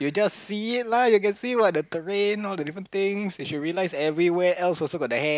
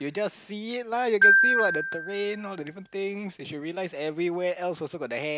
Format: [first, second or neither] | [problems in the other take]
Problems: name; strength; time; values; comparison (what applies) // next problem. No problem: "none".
first | background sound (Glockenspiel); 4 dB above the speech